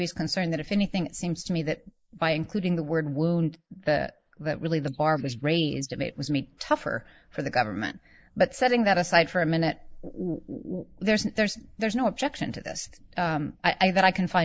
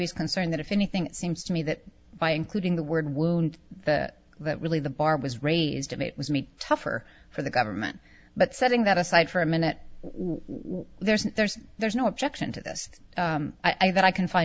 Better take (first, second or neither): second